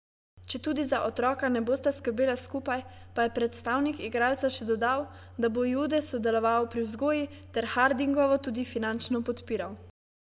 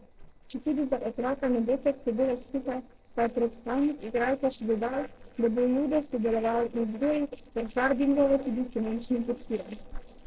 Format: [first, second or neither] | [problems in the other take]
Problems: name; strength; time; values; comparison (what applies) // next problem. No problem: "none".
first | noise reduction (neural separator model SepFormer DNS4)